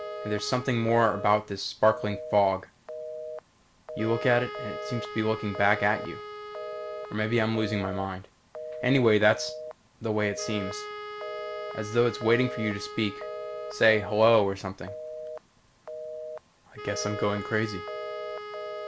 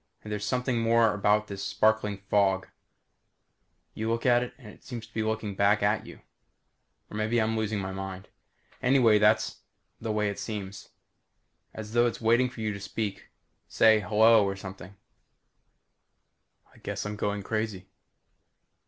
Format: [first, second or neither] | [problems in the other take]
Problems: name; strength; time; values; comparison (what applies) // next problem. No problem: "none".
second | background sound (Telephone + Wind instrument, woodwind instrument); 9 dB below the speech